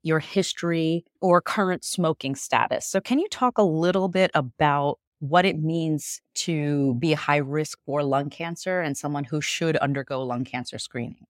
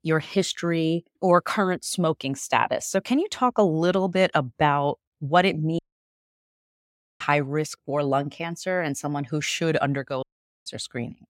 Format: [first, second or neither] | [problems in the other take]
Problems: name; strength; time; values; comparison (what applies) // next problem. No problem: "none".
first | audio cutting out; at 6 s for 1.5 s and at 10 s